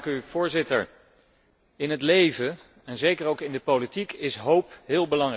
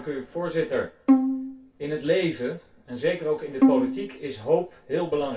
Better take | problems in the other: first | background sound (Bowed string instrument); 2 dB above the speech // room echo; dies away in 0.2 s

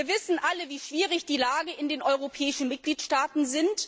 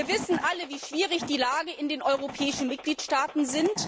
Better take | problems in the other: first | background sound (Gunshot, gunfire + Wood / Tools); 12 dB below the speech

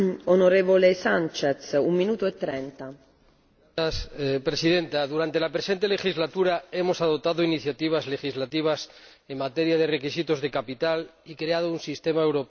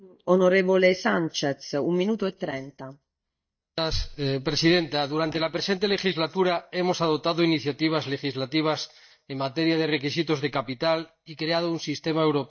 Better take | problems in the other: first | noise reduction (neural mask model DeepFilterNet 3)

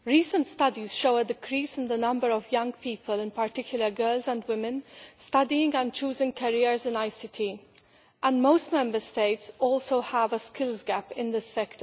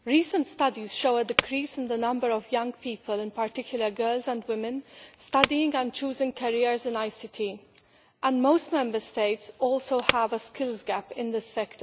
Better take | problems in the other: first | background sound (Wood); 6 dB below the speech

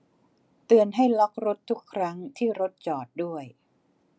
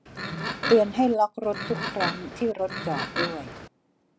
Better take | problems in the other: first | background sound (Livestock, farm animals, working animals); 5 dB below the speech

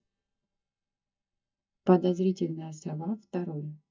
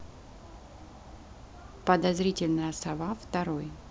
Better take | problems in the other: second | noise reduction (neural mask model DeepFilterNet 3)

